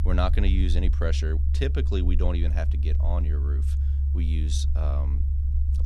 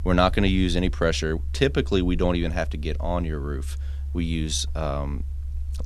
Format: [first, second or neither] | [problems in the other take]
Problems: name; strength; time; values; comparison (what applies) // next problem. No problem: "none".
second | low rumble; loud; throughout; 8 dB below the speech; faint in the second